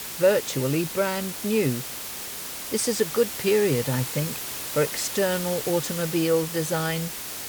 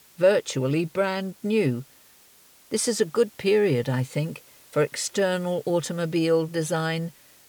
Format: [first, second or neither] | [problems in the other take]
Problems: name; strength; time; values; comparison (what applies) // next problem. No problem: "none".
second | hiss; loud; throughout; 6 dB below the speech; faint in the second